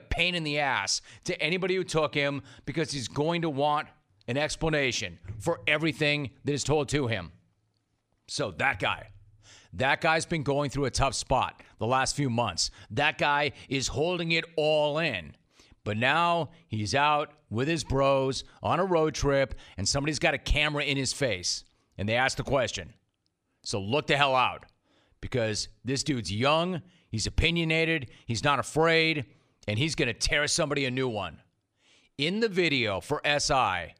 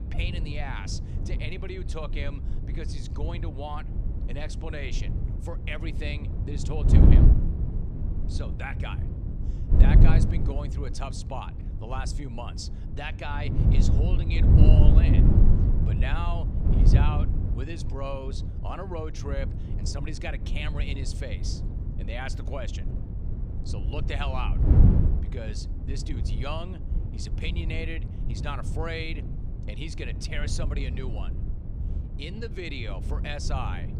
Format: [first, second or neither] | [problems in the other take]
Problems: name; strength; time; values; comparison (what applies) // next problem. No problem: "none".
first | wind noise on the microphone; heavy; 3 dB below the speech